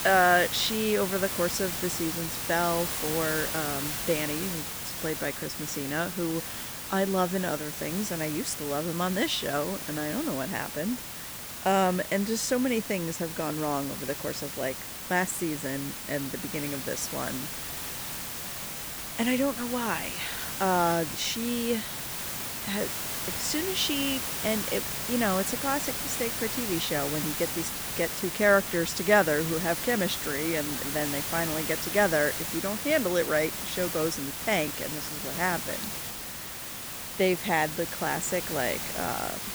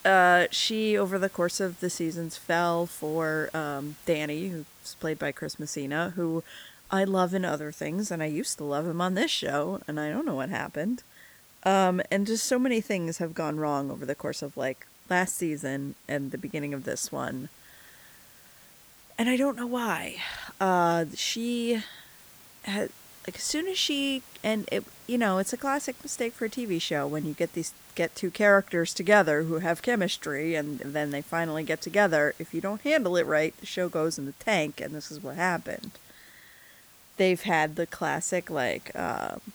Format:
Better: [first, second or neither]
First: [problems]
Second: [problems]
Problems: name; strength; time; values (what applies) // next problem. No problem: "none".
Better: second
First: hiss; loud; throughout; 3 dB below the speech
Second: hiss; faint; throughout; 20 dB below the speech